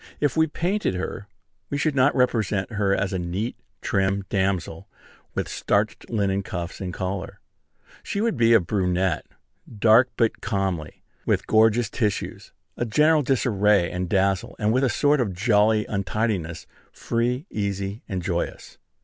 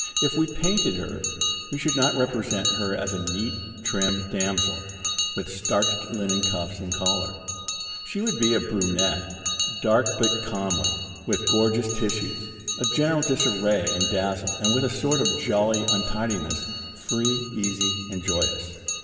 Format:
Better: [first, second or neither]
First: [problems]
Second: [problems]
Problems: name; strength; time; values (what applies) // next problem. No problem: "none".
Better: first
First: none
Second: background sound (Bell); 2 dB below the speech // room echo; dies away in 2.8 s